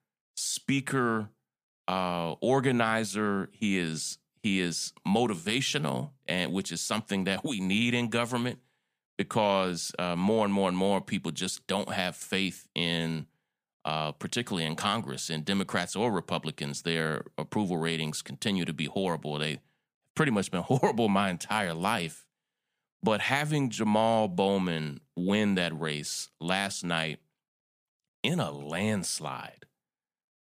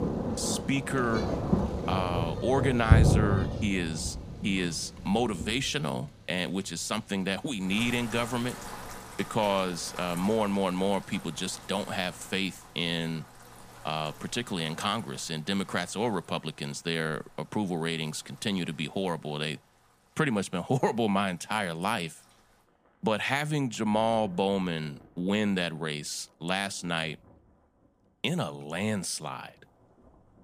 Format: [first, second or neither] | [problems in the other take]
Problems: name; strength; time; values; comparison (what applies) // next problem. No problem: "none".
first | rain or running water; loud; throughout; 2 dB below the speech